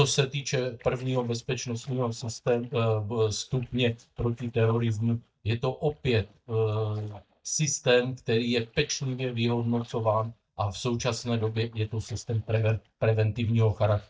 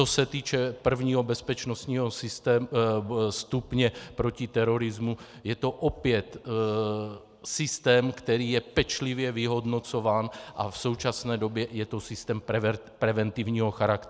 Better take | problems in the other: second | noise reduction (neural mask model DeepFilterNet 3)

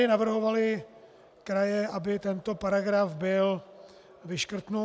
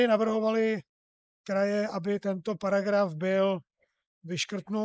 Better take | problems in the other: first | noise reduction (neural mask model Resemble Enhance denoiser)

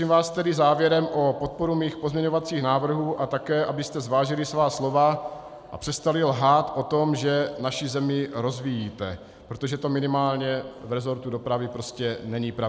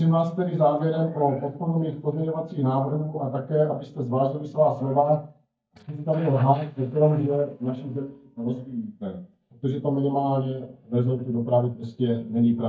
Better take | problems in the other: first | noise reduction (neural mask model DeepFilterNet 3)

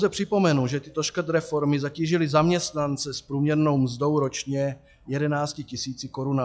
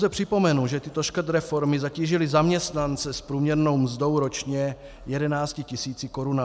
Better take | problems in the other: second | noise reduction (classical method log-MMSE)

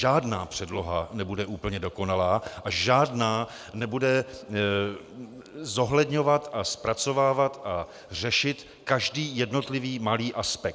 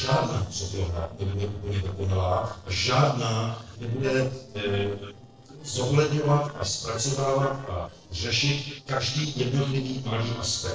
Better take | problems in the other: first | noise reduction (neural separator model SepFormer DNS4)

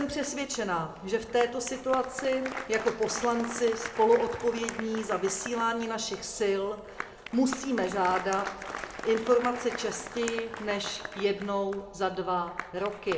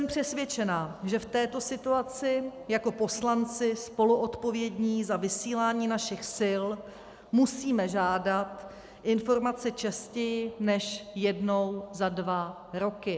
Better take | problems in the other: second | background sound (Applause); 11 dB below the speech // room echo; dies away in 0.4 s

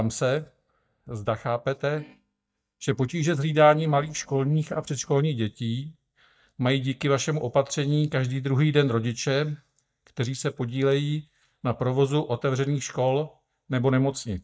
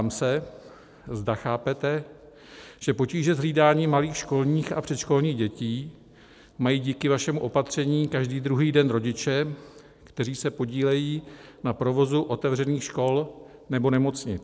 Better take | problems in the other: second | noise reduction (neural mask model DeepFilterNet 3)

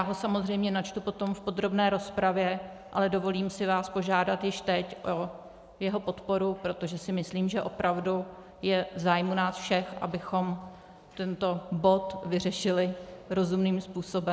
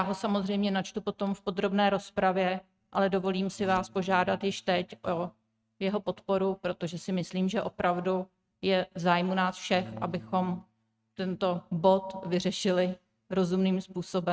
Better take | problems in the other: first | noise reduction (neural mask model RNNoise)

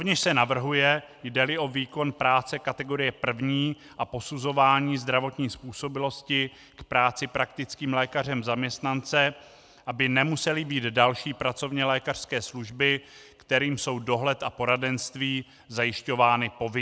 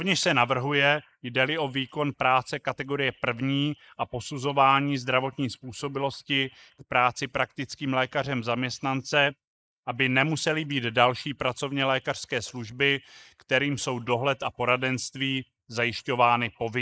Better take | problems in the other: first | noise reduction (neural mask model Resemble Enhance denoiser)

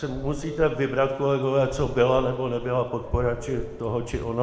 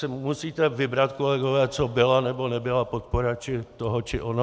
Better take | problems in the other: second | background sound (Subway, metro, underground / Doorbell); 12 dB below the speech // room echo; dies away in 0.9 s

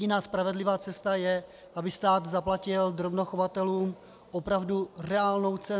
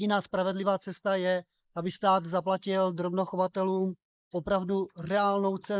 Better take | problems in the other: first | noise reduction (neural mask model Resemble Enhance denoiser)

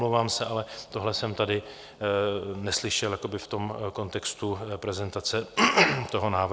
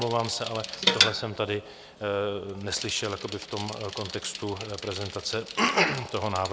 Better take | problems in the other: first | background sound (Bicycle); 4 dB below the speech

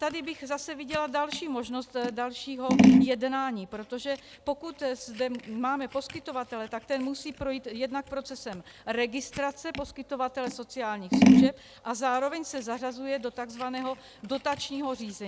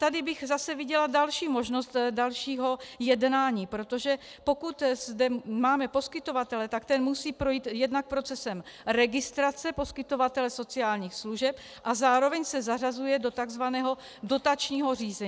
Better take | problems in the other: second | background sound (Scissors); 3 dB above the speech

